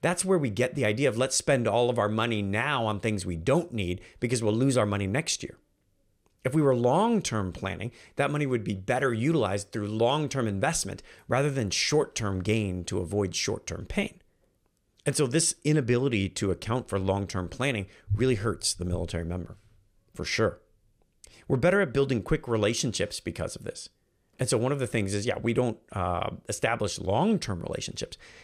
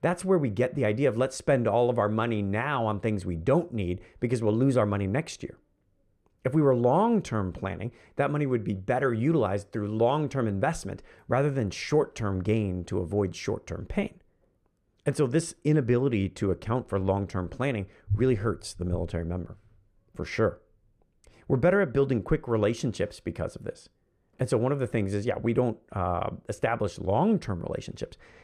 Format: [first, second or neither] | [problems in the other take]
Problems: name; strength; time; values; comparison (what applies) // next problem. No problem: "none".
first | muffled; slightly; fading above 2.5 kHz